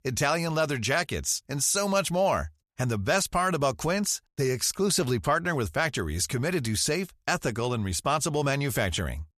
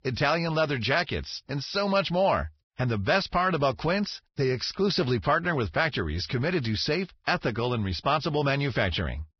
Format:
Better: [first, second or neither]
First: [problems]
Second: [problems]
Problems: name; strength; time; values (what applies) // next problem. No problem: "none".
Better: first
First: none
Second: garbled, watery; badly; nothing above 5.5 kHz